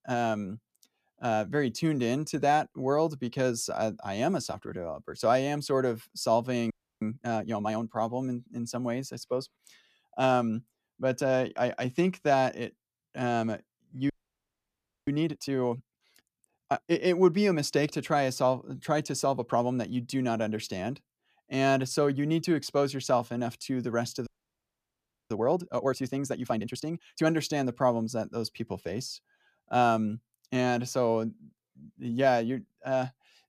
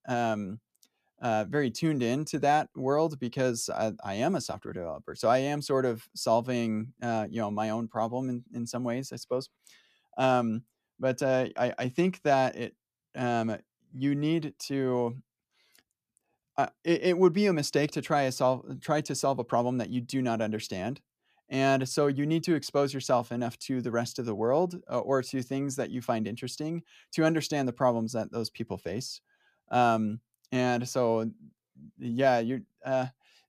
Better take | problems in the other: second | audio freezing; at 6.5 s, at 14 s for 1 s and at 24 s for 1 s

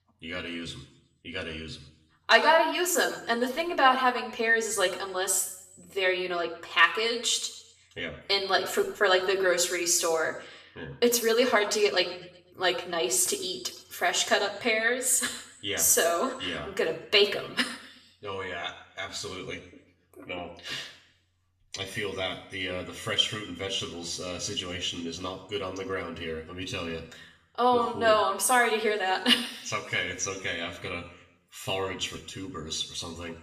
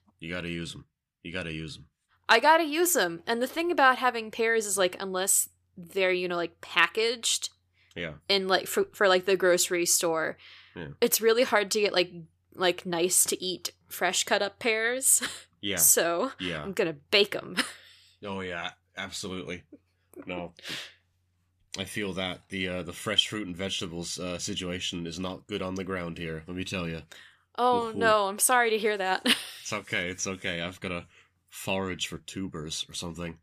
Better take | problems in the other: second | room echo; slight; dies away in 0.7 s // off-mic speech; far

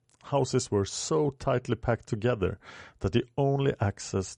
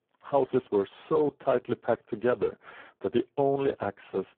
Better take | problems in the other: first | phone-call audio; poor line

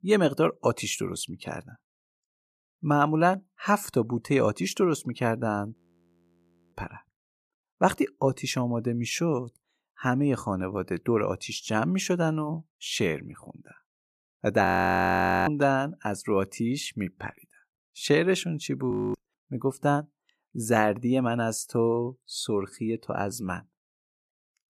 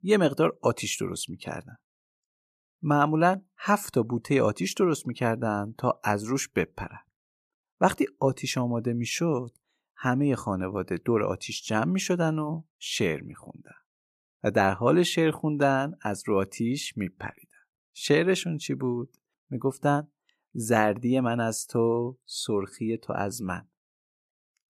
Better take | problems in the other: second | audio freezing; at 6 s for 1 s, at 15 s for 1 s and at 19 s

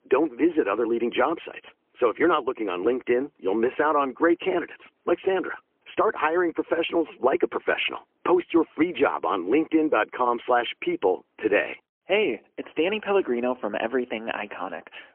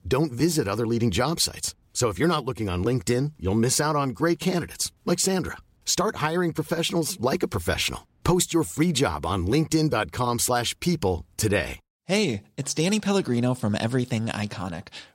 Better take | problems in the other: second | phone-call audio; poor line; nothing above 3 kHz

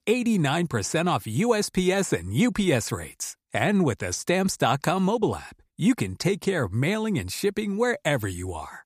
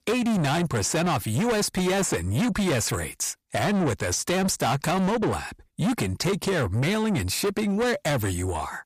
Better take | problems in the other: first | distortion; heavy; 7 dB below the speech

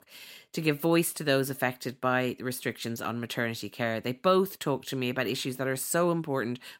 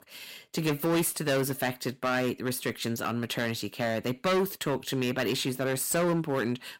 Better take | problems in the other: first | distortion; heavy; 10% of the sound clipped

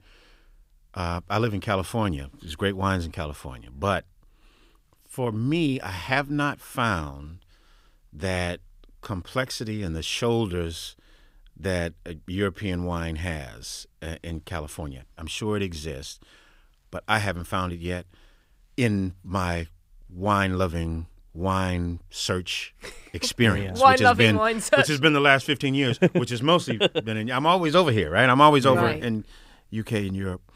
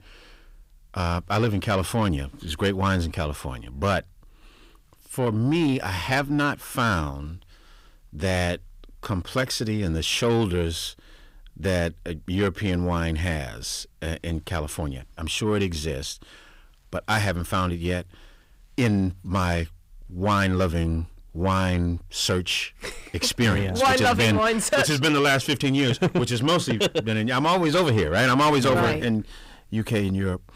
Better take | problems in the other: first | distortion; heavy; 6 dB below the speech

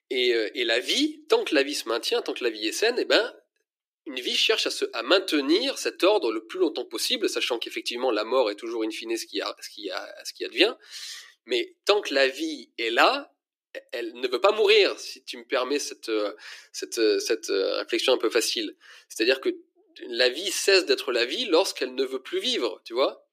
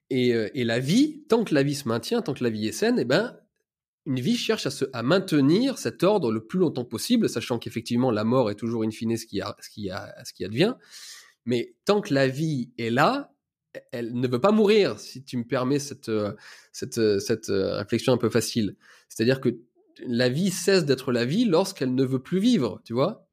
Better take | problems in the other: second | thin; very; fading below 300 Hz

